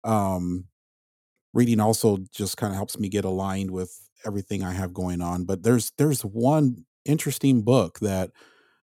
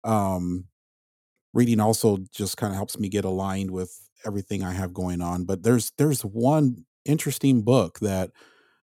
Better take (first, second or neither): neither